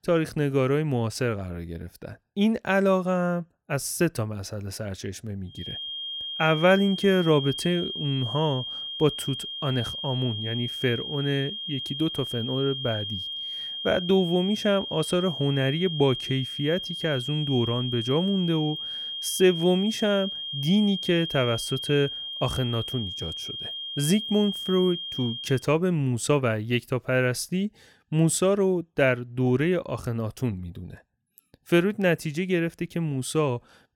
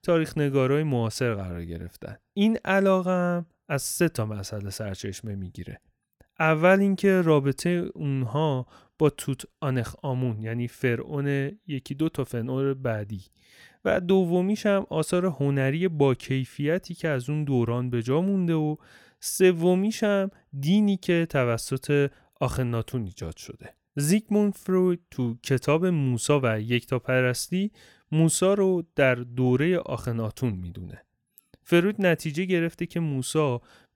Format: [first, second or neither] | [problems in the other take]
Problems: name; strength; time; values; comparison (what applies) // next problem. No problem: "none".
second | high-pitched whine; loud; from 5.5 to 26 s; 3 kHz, 6 dB below the speech